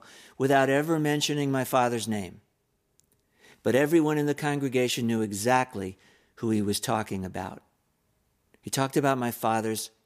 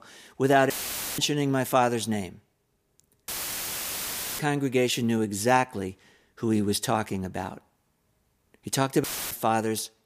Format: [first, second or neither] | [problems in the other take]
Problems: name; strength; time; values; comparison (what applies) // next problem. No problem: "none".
first | audio cutting out; filled with static; at 0.5 s, at 3.5 s for 1 s and at 9 s